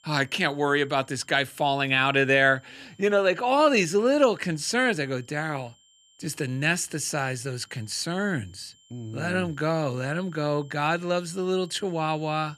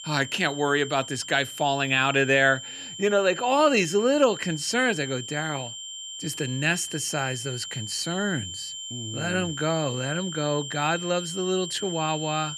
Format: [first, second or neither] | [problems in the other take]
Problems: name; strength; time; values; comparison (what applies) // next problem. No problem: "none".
first | high-pitched whine; loud; throughout; 3 kHz, 9 dB below the speech; faint in the first